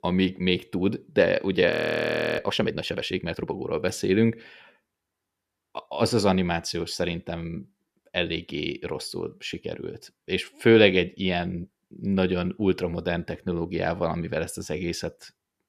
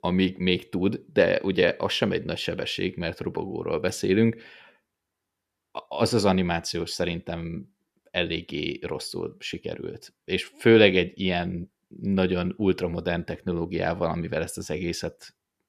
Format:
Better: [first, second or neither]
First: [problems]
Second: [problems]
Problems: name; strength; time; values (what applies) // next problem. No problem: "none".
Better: second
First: audio freezing; at 1.5 s for 0.5 s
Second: none